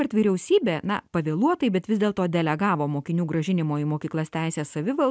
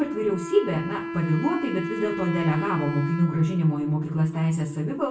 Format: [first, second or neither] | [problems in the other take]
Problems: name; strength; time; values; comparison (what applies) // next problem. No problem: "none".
first | background sound (Wind instrument, woodwind instrument); 8 dB below the speech // room echo; dies away in 0.3 s